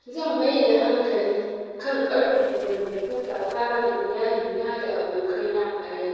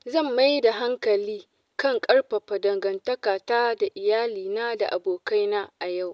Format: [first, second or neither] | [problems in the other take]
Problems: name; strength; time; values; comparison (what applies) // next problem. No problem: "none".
second | noise reduction (neural separator model SepFormer DNS4)